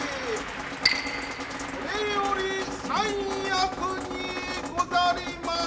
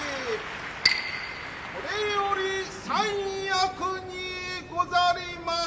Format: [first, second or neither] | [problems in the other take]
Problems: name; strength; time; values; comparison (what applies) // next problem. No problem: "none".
second | background sound (Drip); 7 dB below the speech